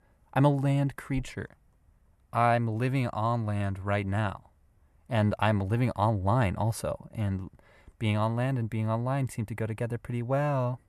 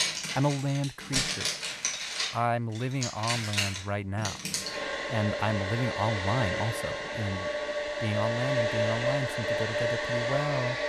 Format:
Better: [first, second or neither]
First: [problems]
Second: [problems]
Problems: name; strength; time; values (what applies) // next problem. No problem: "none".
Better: first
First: none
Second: household noises; very loud; throughout; 1 dB above the speech